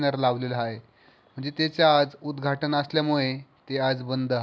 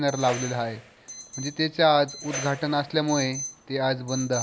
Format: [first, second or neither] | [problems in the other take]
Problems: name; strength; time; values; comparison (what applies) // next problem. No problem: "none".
first | background sound (Alarm + Whoosh, swoosh, swish); 12 dB below the speech